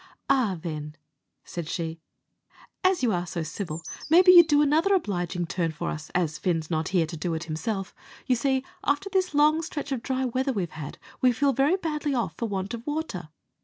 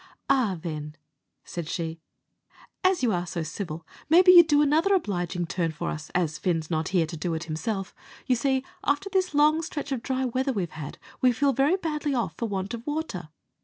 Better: second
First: background sound (Bird); 17 dB below the speech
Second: none

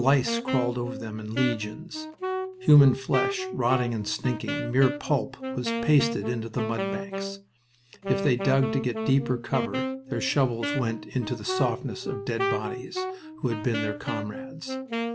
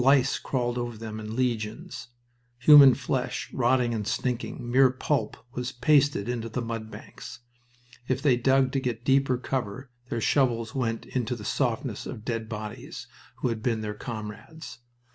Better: second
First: background sound (Wind instrument, woodwind instrument); 5 dB below the speech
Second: none

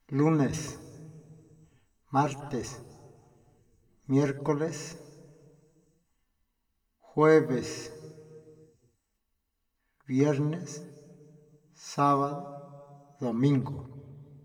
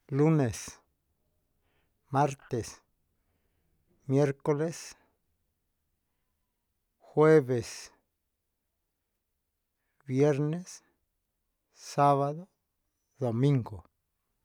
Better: second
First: room echo; dies away in 1.3 s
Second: none

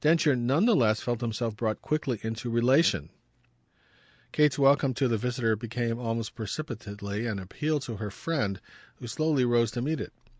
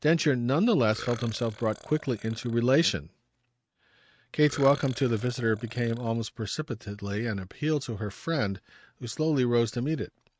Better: first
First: none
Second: noise reduction (neural mask model RNNoise)

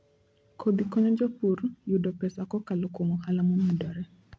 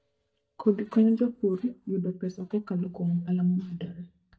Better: first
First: none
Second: noise reduction (neural mask model DeepFilterNet 3)

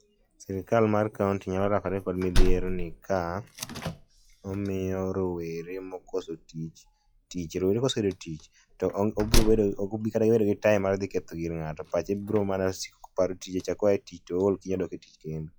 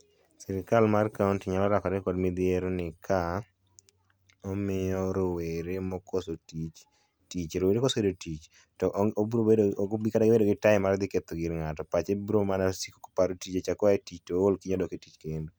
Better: second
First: noise reduction (classical method log-MMSE)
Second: none

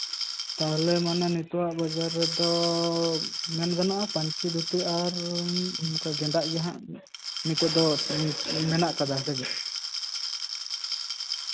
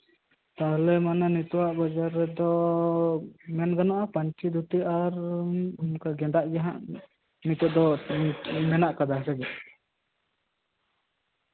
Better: second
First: background sound (Glass); 4 dB below the speech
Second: none

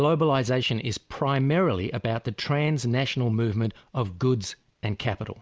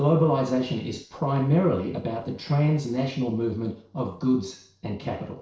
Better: first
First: none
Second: noise reduction (neural separator model SepFormer DNS4)

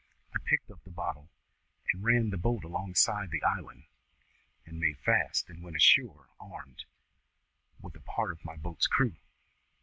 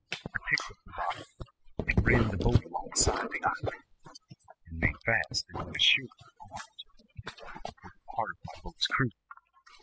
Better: first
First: none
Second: noise reduction (classical method spectral subtraction)

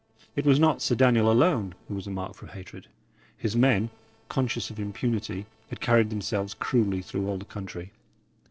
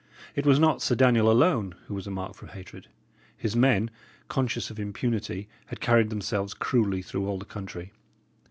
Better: second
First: noise reduction (neural separator model SepFormer DNS4)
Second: none

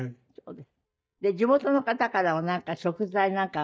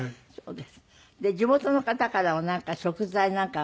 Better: second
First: noise reduction (neural mask model DeepFilterNet 3)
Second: none

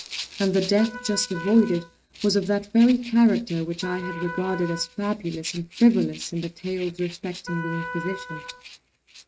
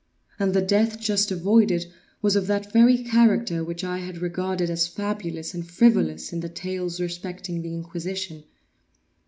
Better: second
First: noise reduction (neural mask model RNNoise)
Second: none

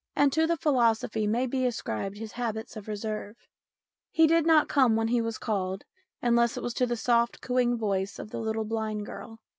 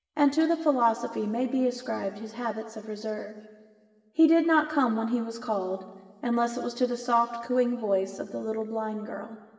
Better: first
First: none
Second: room echo; dies away in 2 s

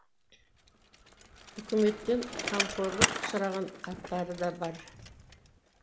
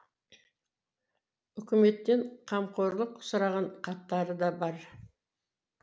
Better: second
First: background sound (Bicycle); 3 dB below the speech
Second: none

